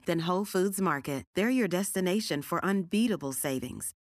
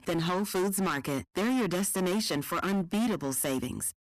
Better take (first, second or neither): first